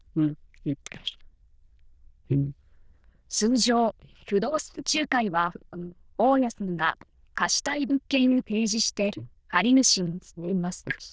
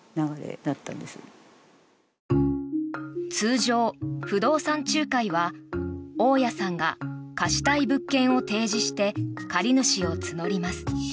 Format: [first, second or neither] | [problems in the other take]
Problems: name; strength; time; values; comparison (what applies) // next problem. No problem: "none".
second | noise reduction (neural diffusion model UNIVERSE++)